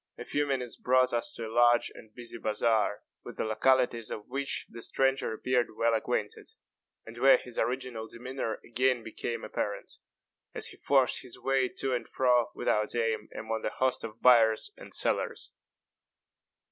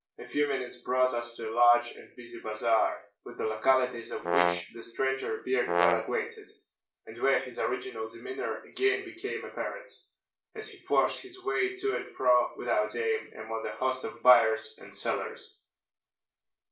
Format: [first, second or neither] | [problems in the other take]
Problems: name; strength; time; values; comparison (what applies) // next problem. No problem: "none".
first | background sound (Brass instrument); 1 dB above the speech // room echo; dies away in 0.3 s